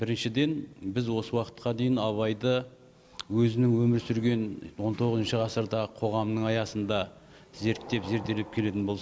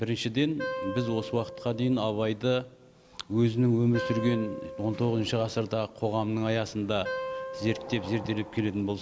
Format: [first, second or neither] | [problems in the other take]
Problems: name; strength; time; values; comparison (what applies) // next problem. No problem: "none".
first | background sound (Wind instrument, woodwind instrument); 10 dB below the speech